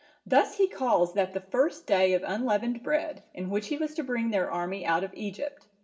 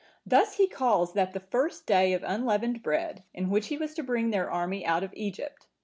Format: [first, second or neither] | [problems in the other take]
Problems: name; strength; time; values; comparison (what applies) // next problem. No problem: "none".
second | room echo; dies away in 0.4 s